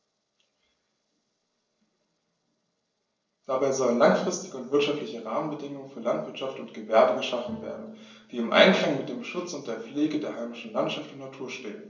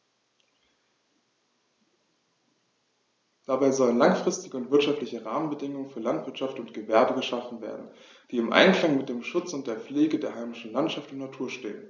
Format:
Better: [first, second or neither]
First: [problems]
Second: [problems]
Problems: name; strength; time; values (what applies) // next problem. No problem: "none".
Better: second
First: noise reduction (neural separator model SepFormer DNS4)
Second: none